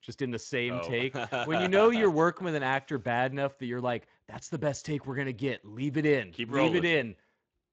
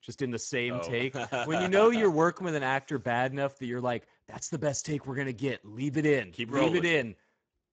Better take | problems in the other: first | garbled, watery; badly; nothing above 7.5 kHz; slightly in the first

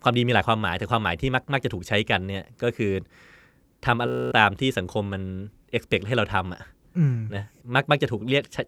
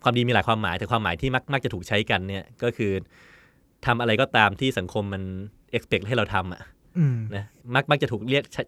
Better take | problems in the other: second | audio freezing; at 4 s

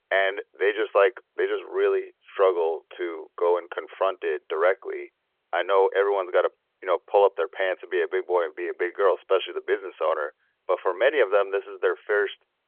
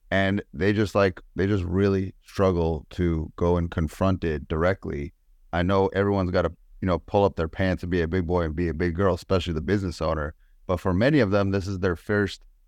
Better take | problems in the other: second | phone-call audio; nothing above 3.5 kHz

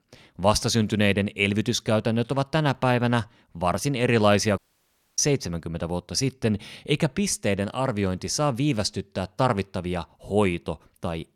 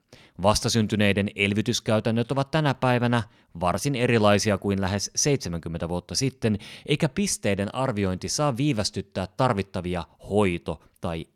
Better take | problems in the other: second | audio cutting out; at 4.5 s for 0.5 s

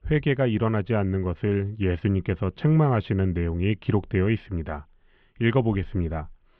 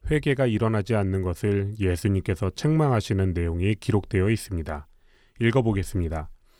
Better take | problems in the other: second | muffled; very; fading above 3 kHz

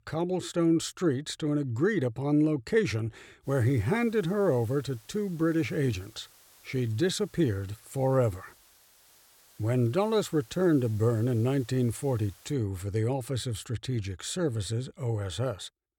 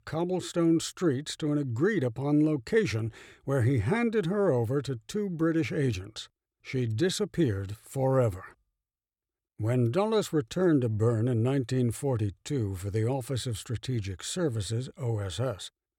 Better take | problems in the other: second | hiss; faint; from 3.5 to 13 s; 25 dB below the speech

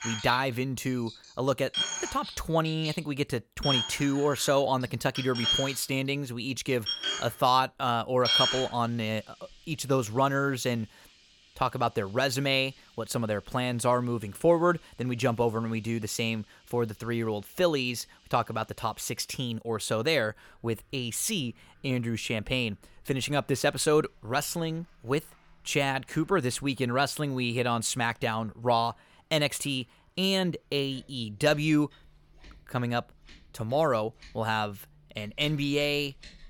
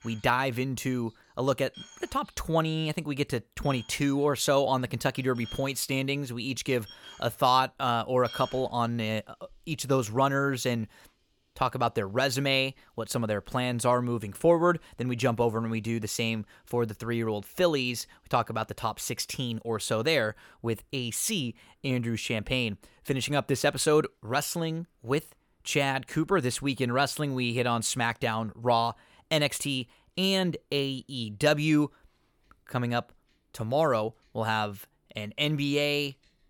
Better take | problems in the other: second | household noises; loud; throughout; 2 dB below the speech; faint in the second

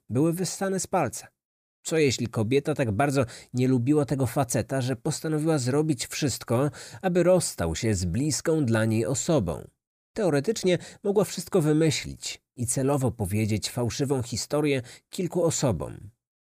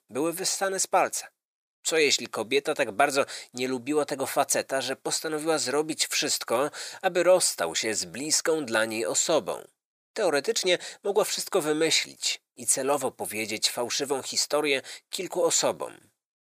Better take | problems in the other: first | thin; somewhat; fading below 550 Hz

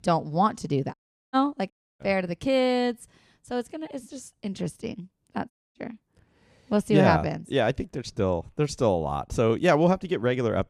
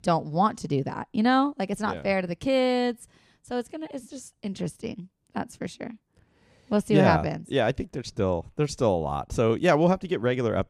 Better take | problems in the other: second | audio cutting out; at 1 s, at 1.5 s and at 5.5 s

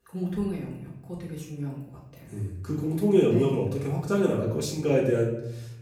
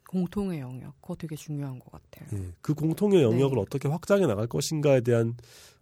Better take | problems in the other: second | off-mic speech; far // room echo; noticeable; dies away in 0.7 s

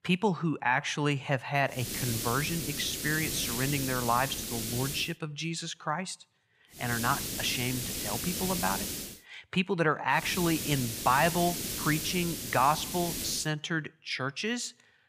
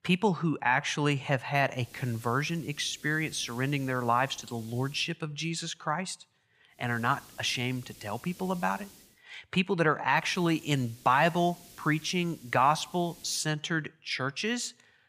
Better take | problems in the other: second | hiss; loud; from 2 to 5 s, from 7 to 9 s and from 10 to 13 s; 3 dB below the speech; faint in the second

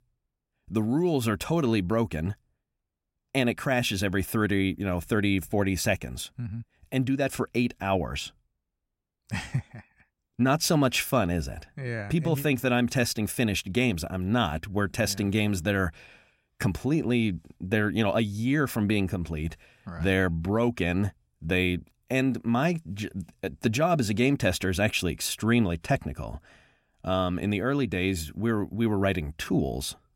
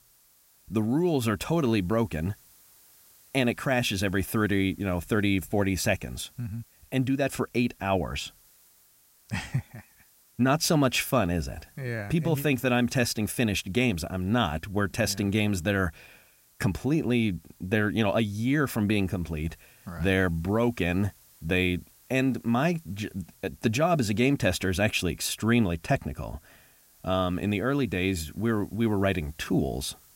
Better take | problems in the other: first | hiss; faint; throughout; 30 dB below the speech

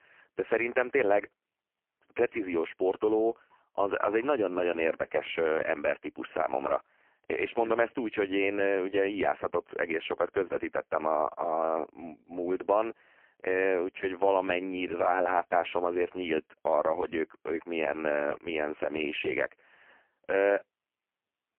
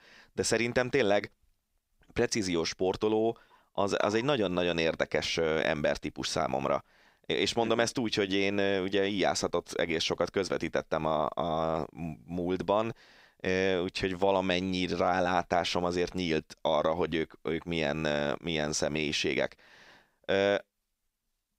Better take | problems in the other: second | phone-call audio; poor line; nothing above 3 kHz

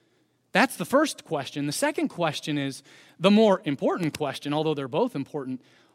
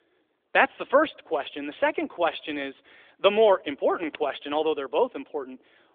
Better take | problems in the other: first | phone-call audio; nothing above 3.5 kHz

